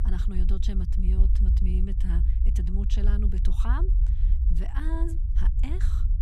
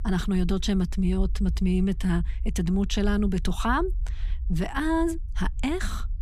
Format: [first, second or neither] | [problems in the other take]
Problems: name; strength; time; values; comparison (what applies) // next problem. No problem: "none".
second | low rumble; loud; throughout; 5 dB below the speech; faint in the second